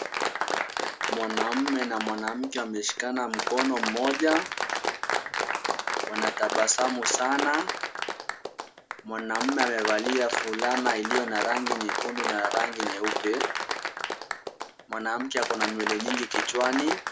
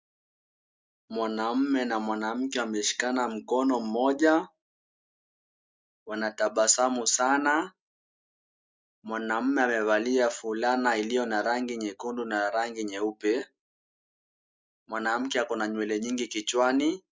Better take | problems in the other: second | background sound (Applause); 1 dB below the speech

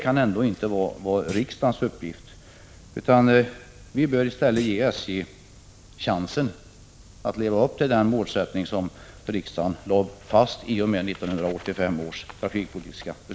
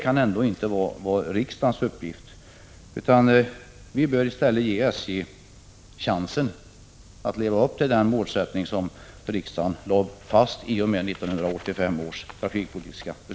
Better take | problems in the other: second | background sound (Thump, thud); 17 dB below the speech

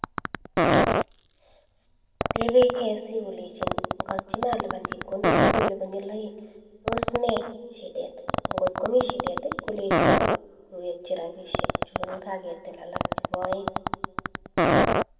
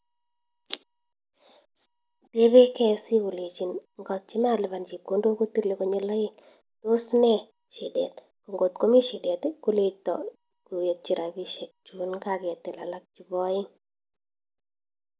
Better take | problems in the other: second | background sound (Fart); 3 dB above the speech // room echo; dies away in 1.4 s

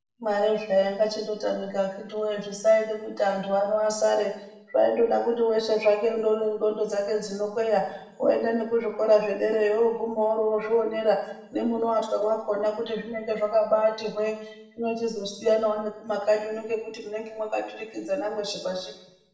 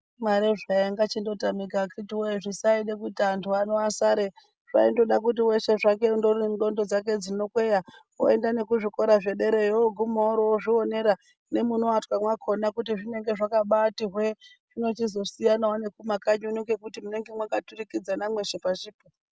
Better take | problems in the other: second | room echo; dies away in 0.8 s

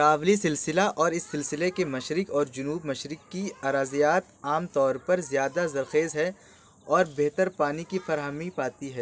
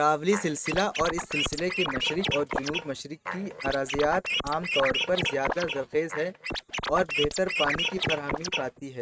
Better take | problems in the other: first | noise reduction (neural mask model RNNoise)

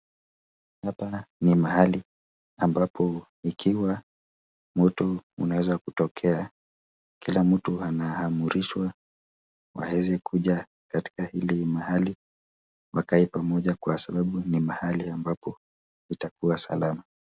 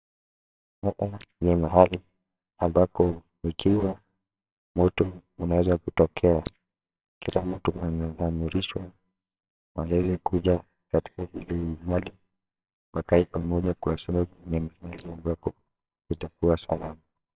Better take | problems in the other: first | noise reduction (neural separator model SepFormer WHAMR!)

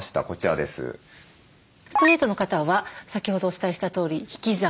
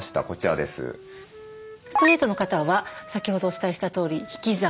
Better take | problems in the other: first | background sound (Wind instrument, woodwind instrument); 18 dB below the speech

